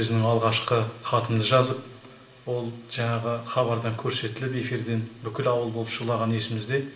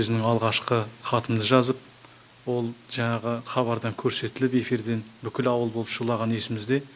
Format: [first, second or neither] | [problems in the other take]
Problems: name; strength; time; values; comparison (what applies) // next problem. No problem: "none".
second | room echo; dies away in 1.9 s